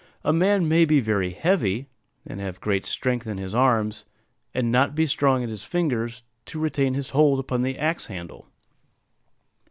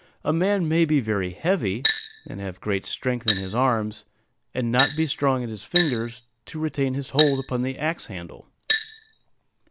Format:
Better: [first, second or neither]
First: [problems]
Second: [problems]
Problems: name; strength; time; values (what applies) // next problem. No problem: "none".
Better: first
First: none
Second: background sound (Glass); 6 dB below the speech